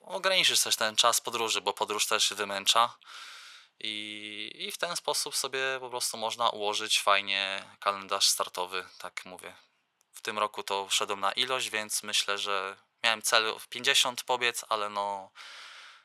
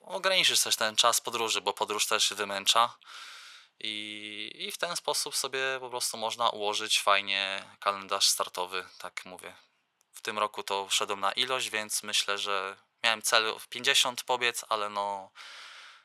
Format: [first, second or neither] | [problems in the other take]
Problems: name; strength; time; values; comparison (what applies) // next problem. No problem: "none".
neither | thin; very; fading below 900 Hz; the same in both